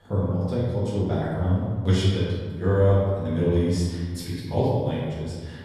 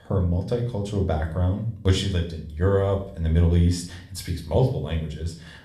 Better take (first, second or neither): second